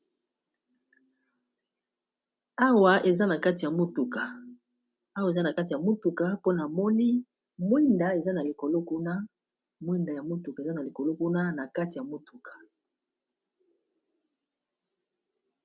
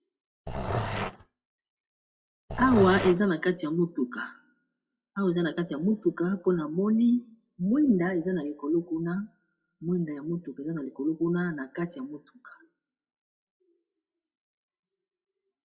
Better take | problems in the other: first | noise reduction (classical method WPE with log-MMSE)

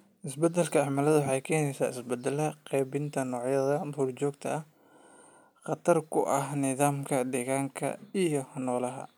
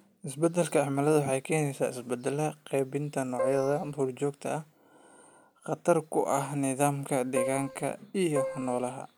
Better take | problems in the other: first | background sound (Keyboard (musical)); 4 dB below the speech

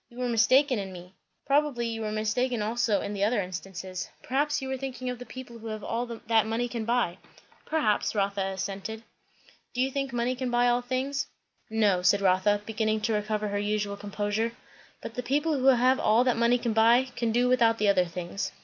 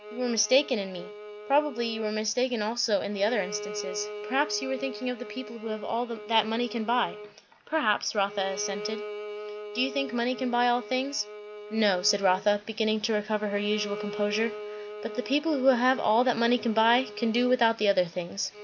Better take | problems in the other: first | background sound (Bowed string instrument); 12 dB below the speech

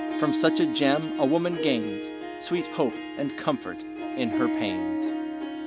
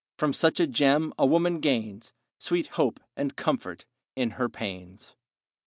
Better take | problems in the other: second | background sound (Harp); 2 dB below the speech

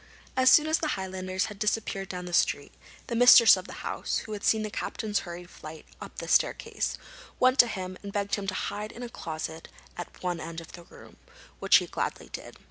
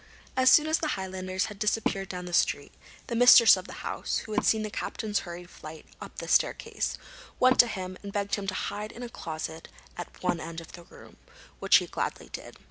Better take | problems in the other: first | background sound (Wood); 12 dB below the speech

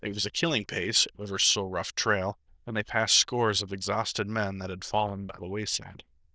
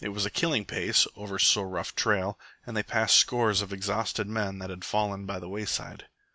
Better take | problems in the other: second | noise reduction (neural diffusion model UNIVERSE++)

